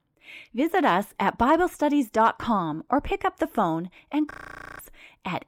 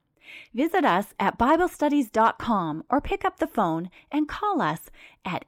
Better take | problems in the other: second | audio freezing; at 4.5 s

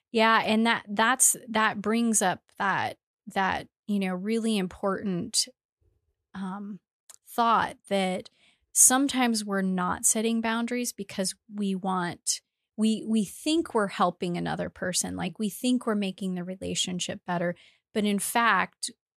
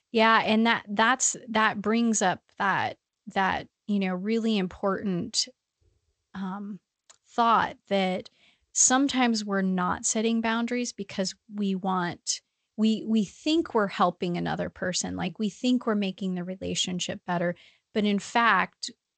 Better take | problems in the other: first | garbled, watery; slightly; nothing above 7.5 kHz

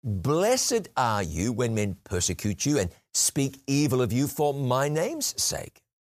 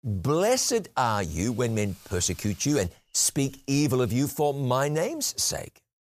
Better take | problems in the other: first | hiss; faint; from 1.5 to 4 s; 25 dB below the speech

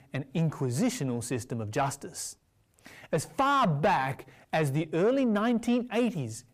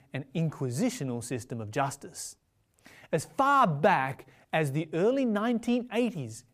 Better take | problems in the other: second | distortion; slight; 10 dB below the speech

